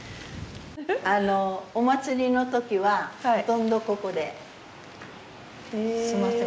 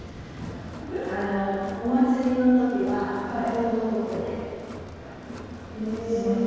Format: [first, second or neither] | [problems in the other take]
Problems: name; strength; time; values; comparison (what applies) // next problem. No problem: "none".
first | background sound (Crowd); 14 dB below the speech // room echo; dies away in 2 s